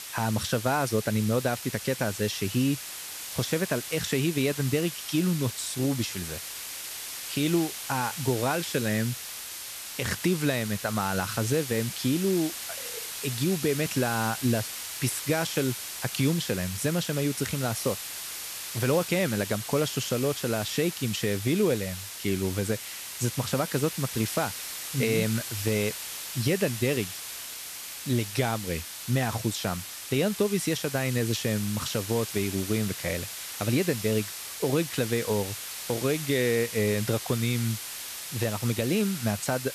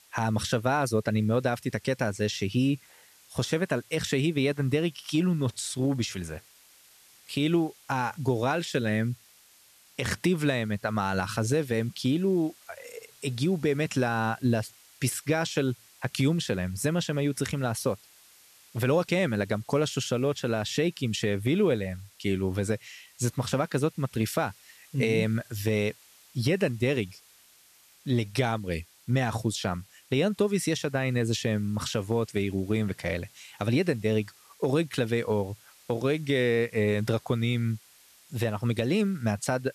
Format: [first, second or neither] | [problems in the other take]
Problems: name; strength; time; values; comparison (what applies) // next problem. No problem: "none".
second | hiss; loud; throughout; 6 dB below the speech; faint in the second